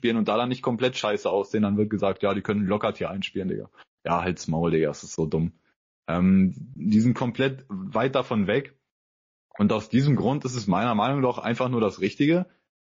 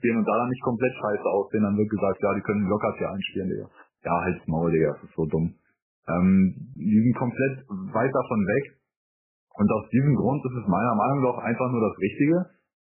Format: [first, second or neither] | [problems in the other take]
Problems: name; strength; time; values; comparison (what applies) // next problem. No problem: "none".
first | garbled, watery; badly; nothing above 3 kHz; slightly in the first